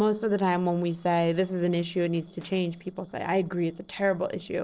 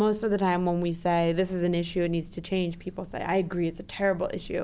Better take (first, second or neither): second